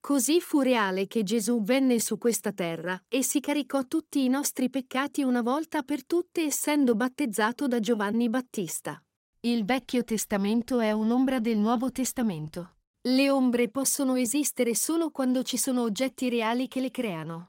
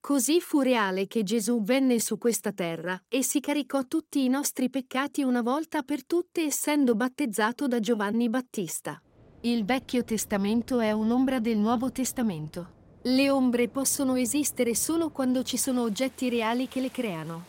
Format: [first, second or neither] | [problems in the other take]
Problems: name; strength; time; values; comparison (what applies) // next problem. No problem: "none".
first | rain or running water; faint; from 9 s on; 25 dB below the speech